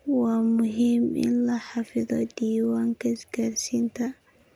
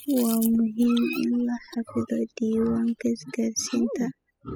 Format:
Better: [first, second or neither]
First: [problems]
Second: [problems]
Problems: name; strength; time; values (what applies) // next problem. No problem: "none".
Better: first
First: none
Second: noise reduction (classical method spectral subtraction)